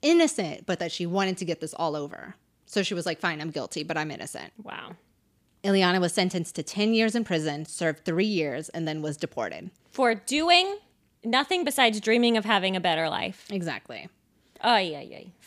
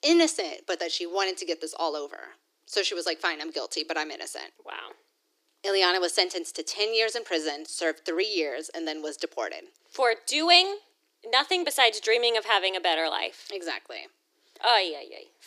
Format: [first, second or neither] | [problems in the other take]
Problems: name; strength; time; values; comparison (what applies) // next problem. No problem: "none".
first | thin; very; fading below 300 Hz